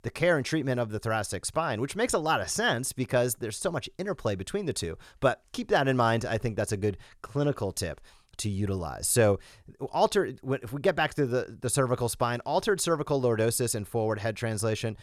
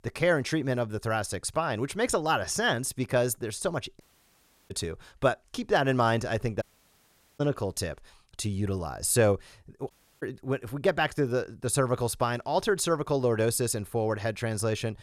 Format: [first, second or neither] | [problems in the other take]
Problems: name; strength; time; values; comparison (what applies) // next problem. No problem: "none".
first | audio cutting out; at 4 s for 0.5 s, at 6.5 s for 1 s and at 10 s